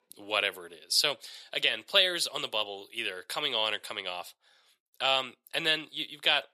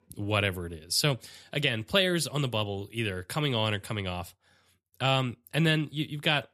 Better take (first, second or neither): second